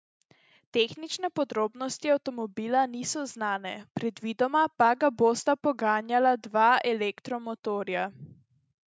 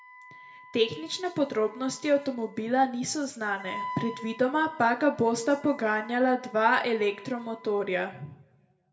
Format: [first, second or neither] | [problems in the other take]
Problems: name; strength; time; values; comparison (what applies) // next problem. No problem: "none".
first | background sound (Wind instrument, woodwind instrument); 18 dB below the speech // room echo; dies away in 0.5 s